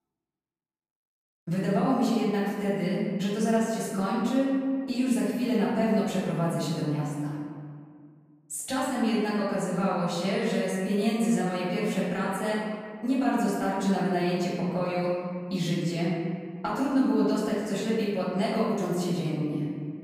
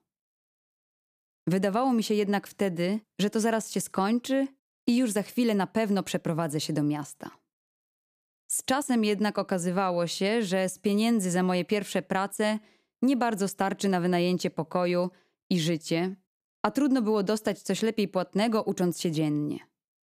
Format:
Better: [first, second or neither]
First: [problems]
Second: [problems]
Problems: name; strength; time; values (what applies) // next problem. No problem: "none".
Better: second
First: room echo; strong; dies away in 1.8 s // off-mic speech; far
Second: none